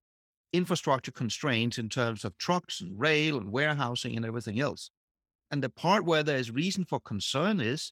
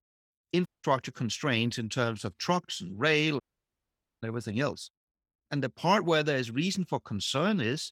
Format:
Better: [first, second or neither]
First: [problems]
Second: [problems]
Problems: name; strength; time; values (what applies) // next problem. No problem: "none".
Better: first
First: none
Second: audio cutting out; at 0.5 s and at 3.5 s for 1 s